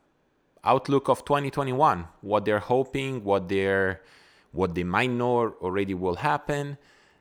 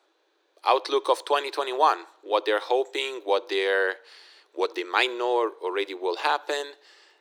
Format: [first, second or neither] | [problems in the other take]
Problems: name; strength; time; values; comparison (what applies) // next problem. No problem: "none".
first | thin; very; fading below 350 Hz